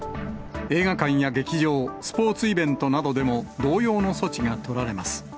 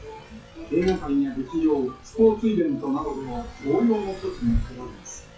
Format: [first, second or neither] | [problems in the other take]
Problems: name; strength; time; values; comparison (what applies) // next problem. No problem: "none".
first | noise reduction (classical method WPE with log-MMSE)